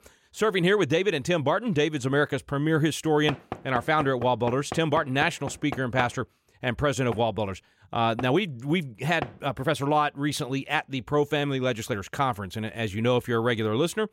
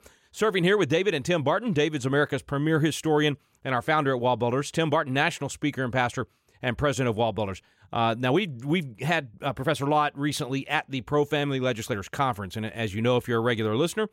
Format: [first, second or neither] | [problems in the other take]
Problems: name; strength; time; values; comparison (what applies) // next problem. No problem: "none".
second | door banging; noticeable; from 3.5 to 9.5 s; peak 9 dB below the speech